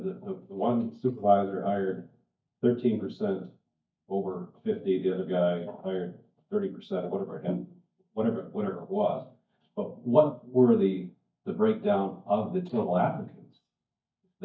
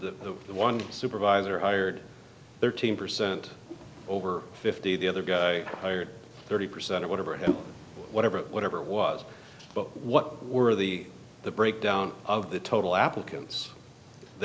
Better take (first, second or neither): second